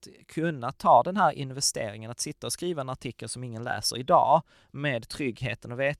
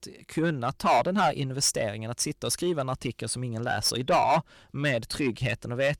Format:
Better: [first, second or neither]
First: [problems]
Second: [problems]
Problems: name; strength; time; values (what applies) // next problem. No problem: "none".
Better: first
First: none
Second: distortion; heavy; 6 dB below the speech